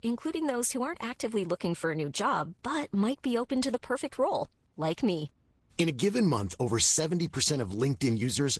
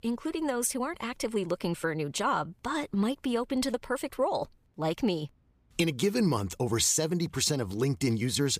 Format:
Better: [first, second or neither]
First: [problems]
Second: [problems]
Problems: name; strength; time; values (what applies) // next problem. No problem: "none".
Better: second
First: garbled, watery; slightly; nothing above 11.5 kHz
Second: none